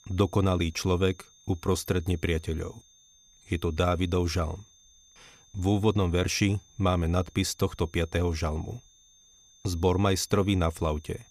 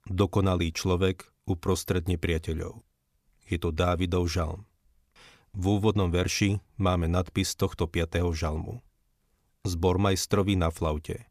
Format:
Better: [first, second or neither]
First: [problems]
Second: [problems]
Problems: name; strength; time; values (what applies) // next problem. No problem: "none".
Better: second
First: high-pitched whine; faint; throughout; 6.5 kHz, 30 dB below the speech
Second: none